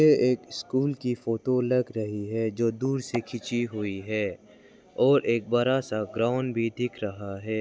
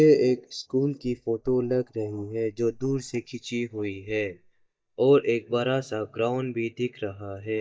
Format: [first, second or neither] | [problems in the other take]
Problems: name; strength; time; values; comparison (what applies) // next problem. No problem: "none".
first | noise reduction (neural mask model DeepFilterNet 3)